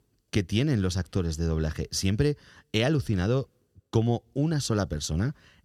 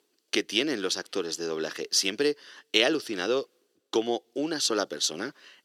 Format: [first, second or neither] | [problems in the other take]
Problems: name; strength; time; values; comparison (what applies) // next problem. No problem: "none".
first | thin; somewhat; fading below 350 Hz